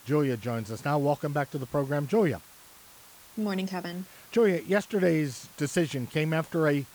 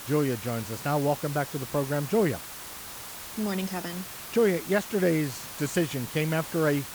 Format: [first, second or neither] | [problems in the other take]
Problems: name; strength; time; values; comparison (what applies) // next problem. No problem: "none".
first | hiss; loud; throughout; 10 dB below the speech; faint in the first